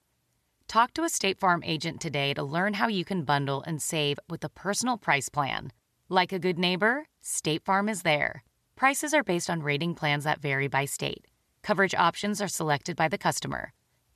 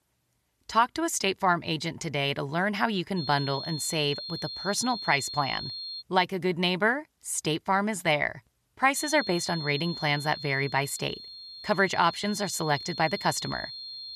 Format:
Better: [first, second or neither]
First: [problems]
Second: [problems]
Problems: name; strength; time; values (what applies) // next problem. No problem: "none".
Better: first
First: none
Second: high-pitched whine; loud; from 3 to 6 s and from 9 s on; 4.5 kHz, 9 dB below the speech